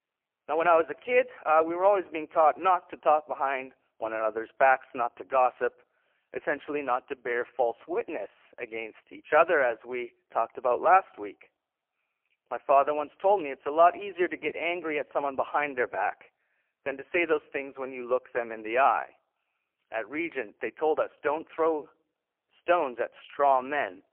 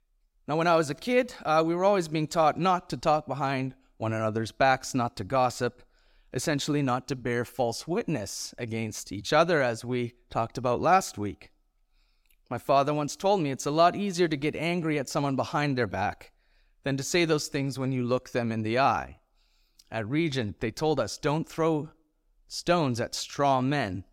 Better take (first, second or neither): second